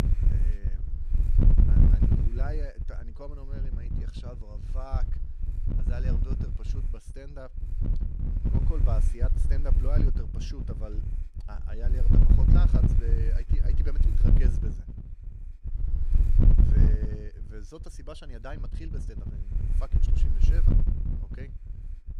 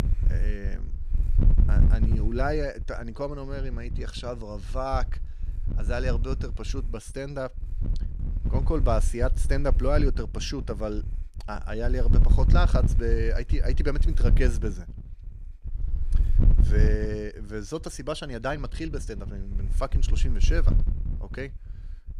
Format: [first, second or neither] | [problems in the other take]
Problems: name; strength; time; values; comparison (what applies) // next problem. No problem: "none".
second | wind noise on the microphone; heavy; 3 dB above the speech; occasional gusts in the second